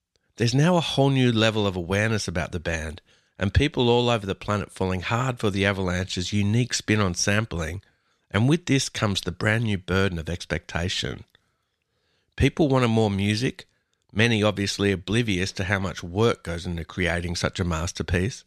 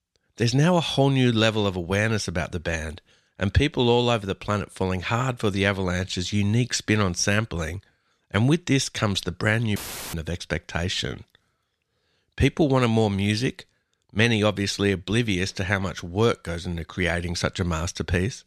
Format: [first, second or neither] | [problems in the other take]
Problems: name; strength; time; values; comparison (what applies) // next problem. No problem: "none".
first | audio cutting out; filled with static; at 10 s